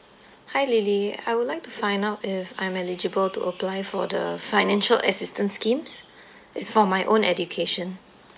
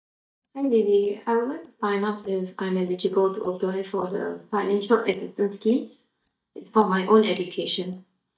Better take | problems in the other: first | noise reduction (neural mask model DeepFilterNet 3)

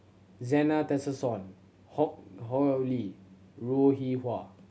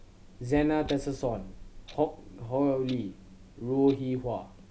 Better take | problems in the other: first | background sound (Clock); 16 dB below the speech

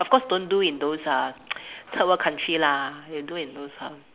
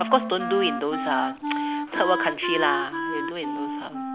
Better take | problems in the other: first | background sound (Wind instrument, woodwind instrument); 3 dB below the speech

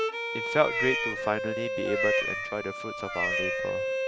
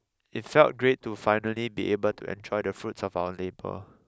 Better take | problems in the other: second | background sound (Meow + Bowed string instrument); 2 dB above the speech

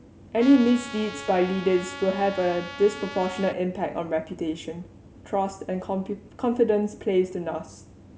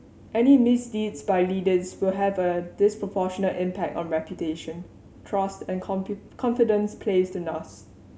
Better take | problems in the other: second | background sound (Trumpet); 13 dB below the speech

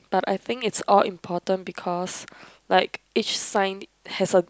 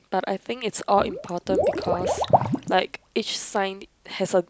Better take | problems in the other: first | background sound (Liquid); 1 dB below the speech

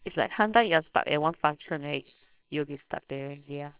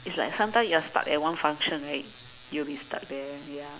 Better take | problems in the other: second | noise reduction (neural separator model SepFormer WHAMR!)

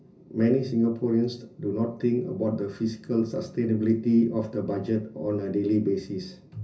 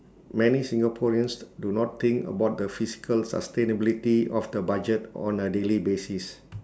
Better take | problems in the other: second | room echo; dies away in 0.4 s

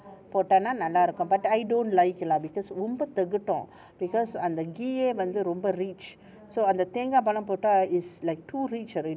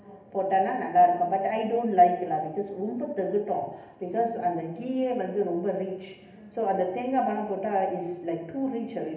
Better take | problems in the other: first | room echo; dies away in 0.8 s

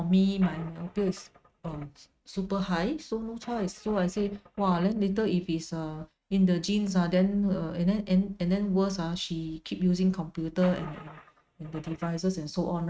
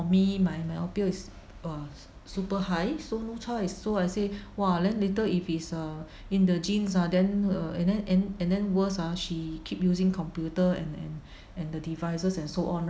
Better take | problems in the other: second | noise reduction (neural mask model RNNoise)

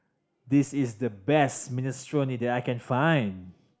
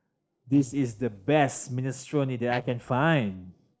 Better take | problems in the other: first | noise reduction (neural separator model SepFormer DNS4)

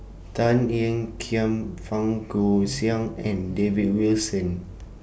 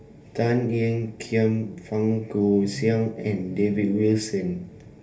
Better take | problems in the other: first | room echo; dies away in 0.3 s

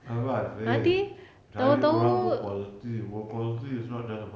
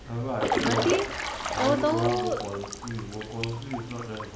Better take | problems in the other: first | background sound (Drip / Trickle, dribble / Water / Splash, splatter); 3 dB below the speech

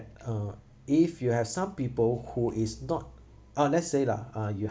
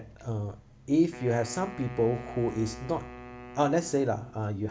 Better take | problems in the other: first | background sound (Wind instrument, woodwind instrument); 16 dB below the speech

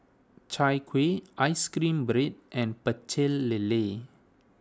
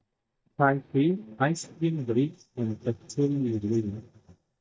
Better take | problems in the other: first | noise reduction (neural mask model DeepFilterNet 3)

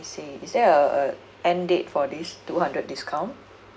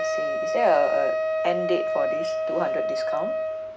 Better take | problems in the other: first | background sound (Wind instrument, woodwind instrument); 2 dB above the speech

